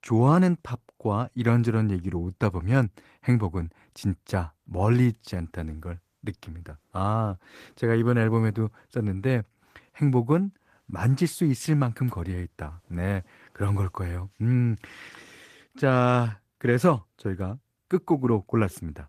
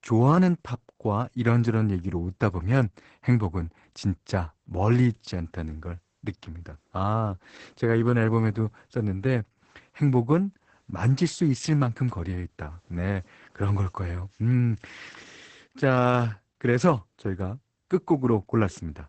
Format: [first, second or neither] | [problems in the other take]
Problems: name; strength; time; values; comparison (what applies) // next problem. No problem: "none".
first | garbled, watery; badly; nothing above 8 kHz; slightly in the first